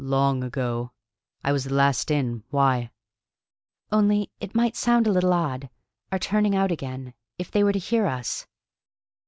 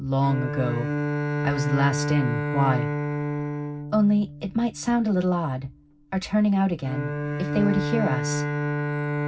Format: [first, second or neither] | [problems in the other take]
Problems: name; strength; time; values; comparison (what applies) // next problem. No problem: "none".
first | background sound (Bowed string instrument); 3 dB below the speech // room echo; dies away in 0.4 s